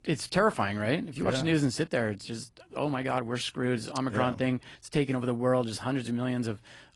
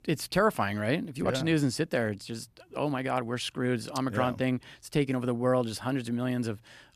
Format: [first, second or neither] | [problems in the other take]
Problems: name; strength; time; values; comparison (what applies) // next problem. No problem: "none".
second | garbled, watery; slightly; nothing above 10.5 kHz